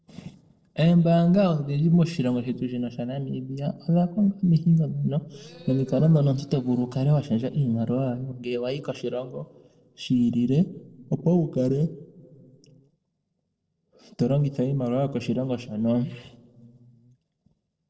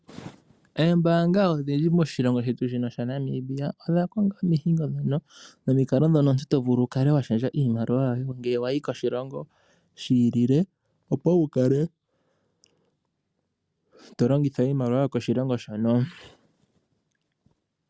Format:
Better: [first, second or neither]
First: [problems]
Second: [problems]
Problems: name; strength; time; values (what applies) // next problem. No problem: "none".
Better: second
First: noise reduction (neural separator model SepFormer DNS4)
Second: none